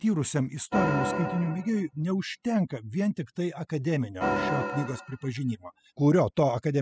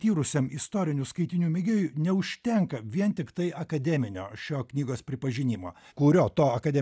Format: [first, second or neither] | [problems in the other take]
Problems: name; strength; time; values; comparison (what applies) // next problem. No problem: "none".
second | noise reduction (classical method spectral subtraction)